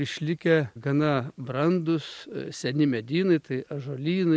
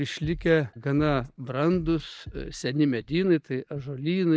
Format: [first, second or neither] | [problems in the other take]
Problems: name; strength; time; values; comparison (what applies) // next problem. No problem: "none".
first | noise reduction (neural mask model DeepFilterNet 3)